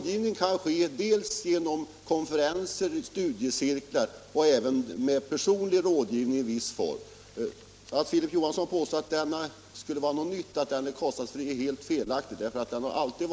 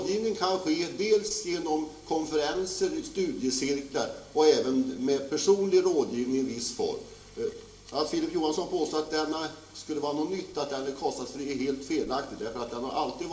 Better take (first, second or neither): first